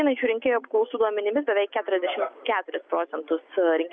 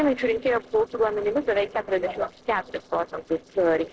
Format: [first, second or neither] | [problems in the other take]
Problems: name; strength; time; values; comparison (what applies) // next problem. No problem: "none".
first | noise reduction (neural separator model SepFormer DNS4)